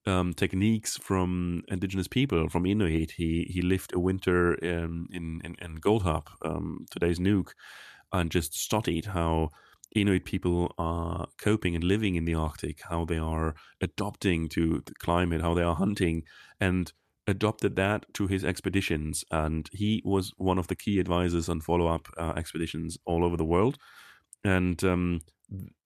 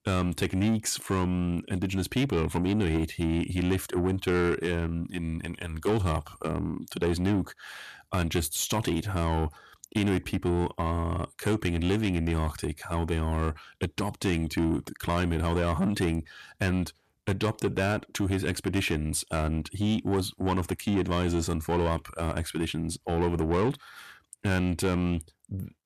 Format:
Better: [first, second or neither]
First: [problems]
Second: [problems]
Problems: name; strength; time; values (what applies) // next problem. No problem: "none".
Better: first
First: none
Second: distortion; slight; 10 dB below the speech